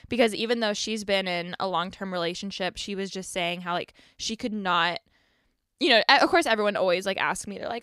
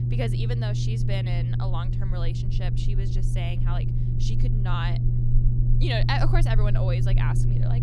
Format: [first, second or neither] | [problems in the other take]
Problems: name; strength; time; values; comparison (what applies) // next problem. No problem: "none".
first | low rumble; loud; throughout; 3 dB below the speech